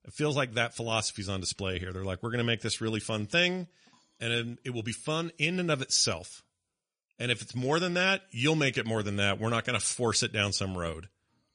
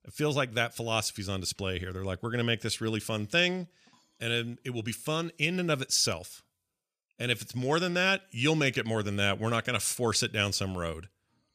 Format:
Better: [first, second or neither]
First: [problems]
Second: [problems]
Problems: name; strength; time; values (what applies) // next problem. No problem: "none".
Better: second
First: garbled, watery; slightly; nothing above 10 kHz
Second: none